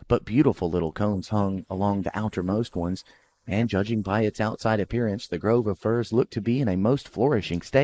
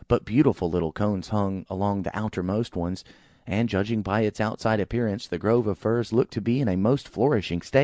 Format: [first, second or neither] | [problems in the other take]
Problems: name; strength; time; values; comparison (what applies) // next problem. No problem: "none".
second | noise reduction (neural mask model Resemble Enhance denoiser)